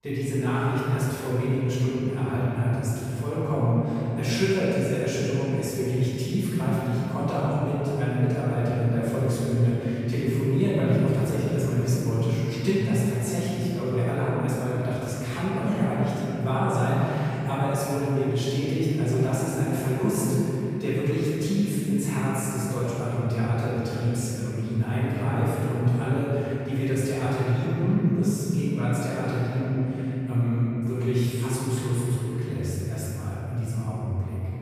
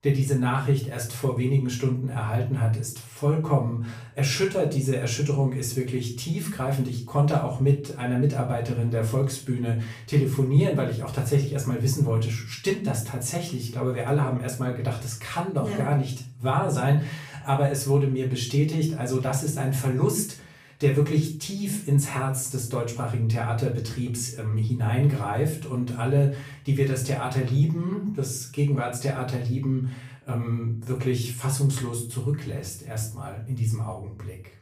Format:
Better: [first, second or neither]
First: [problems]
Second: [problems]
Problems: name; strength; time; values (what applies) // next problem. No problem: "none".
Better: second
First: room echo; strong; dies away in 3 s // off-mic speech; far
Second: room echo; slight; dies away in 0.4 s // off-mic speech; far